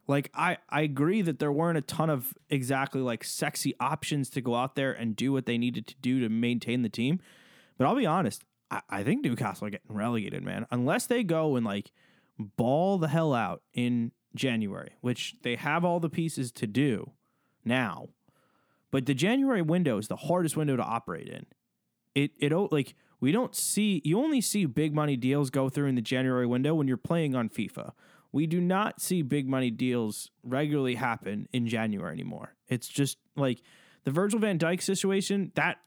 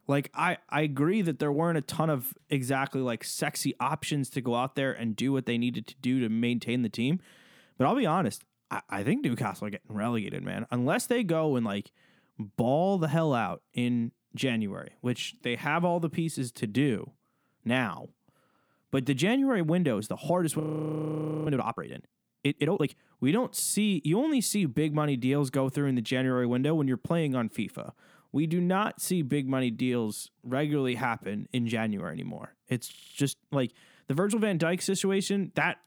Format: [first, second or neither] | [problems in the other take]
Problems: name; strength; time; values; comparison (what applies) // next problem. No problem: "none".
first | audio freezing; at 21 s for 1 s and at 33 s